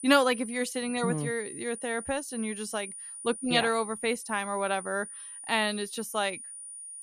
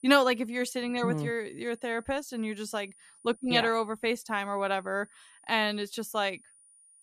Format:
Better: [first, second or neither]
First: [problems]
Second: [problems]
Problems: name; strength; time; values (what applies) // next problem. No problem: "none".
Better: second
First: high-pitched whine; loud; throughout; 9.5 kHz, 10 dB below the speech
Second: high-pitched whine; faint; throughout; 9.5 kHz, 25 dB below the speech